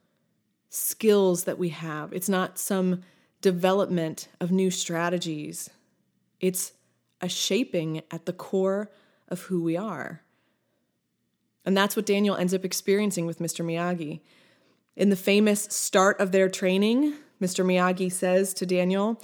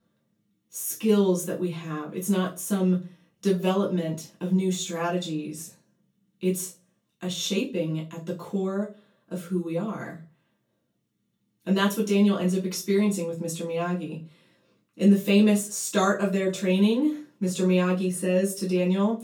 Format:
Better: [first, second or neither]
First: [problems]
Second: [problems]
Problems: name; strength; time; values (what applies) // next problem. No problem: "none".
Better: first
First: none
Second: off-mic speech; far // room echo; very slight; dies away in 0.3 s